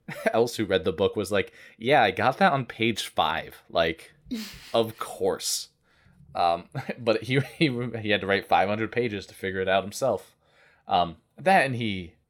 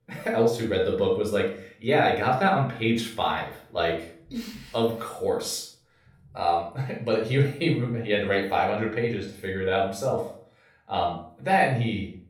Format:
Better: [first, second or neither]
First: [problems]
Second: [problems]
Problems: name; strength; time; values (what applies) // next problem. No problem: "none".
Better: first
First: none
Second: off-mic speech; far // room echo; noticeable; dies away in 0.4 s